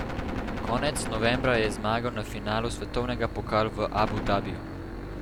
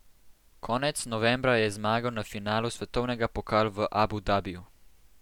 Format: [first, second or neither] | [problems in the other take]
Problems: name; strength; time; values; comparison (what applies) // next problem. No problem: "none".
second | background sound (Engine / Boat, Water vehicle + Gunshot, gunfire); 4 dB below the speech